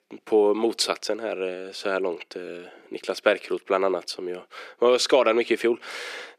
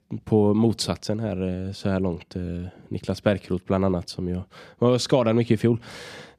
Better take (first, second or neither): second